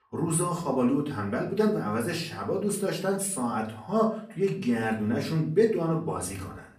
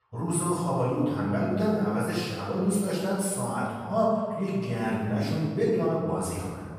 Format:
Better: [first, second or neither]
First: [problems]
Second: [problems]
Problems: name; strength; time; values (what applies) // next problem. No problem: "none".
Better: first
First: room echo; slight; dies away in 0.4 s // off-mic speech; far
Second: room echo; strong; dies away in 1.5 s // off-mic speech; far